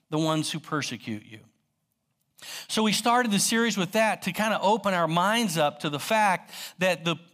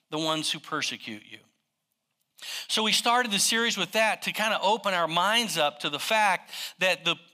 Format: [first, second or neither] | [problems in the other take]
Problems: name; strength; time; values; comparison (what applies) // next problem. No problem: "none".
first | thin; very slightly; fading below 850 Hz